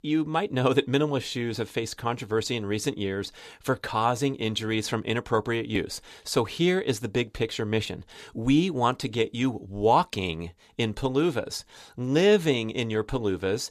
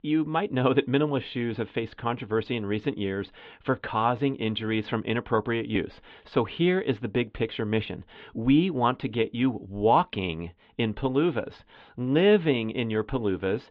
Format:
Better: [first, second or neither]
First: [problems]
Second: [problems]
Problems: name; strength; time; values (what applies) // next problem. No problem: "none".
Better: first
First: none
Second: muffled; very; fading above 3 kHz